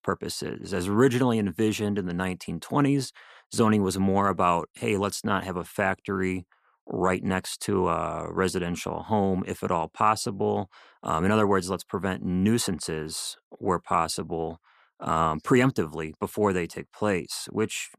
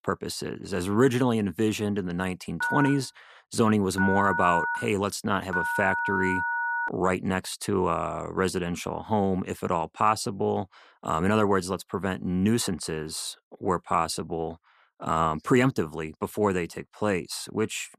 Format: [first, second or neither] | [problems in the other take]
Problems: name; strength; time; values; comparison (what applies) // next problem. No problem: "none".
first | phone ringing; loud; from 2.5 to 7 s; peak level with the speech